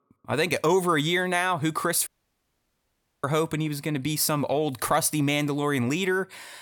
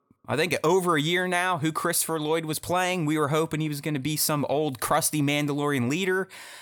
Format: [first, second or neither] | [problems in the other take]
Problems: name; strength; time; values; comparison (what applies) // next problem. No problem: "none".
second | audio cutting out; at 2 s for 1 s